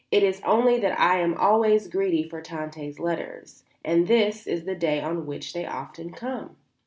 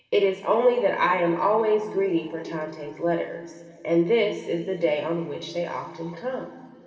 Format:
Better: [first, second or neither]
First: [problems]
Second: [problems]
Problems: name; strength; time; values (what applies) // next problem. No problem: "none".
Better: first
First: none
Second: room echo; dies away in 2.7 s